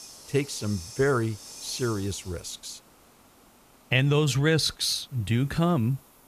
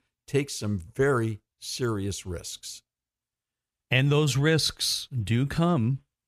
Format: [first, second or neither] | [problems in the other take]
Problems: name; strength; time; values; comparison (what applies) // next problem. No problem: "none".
second | hiss; noticeable; throughout; 15 dB below the speech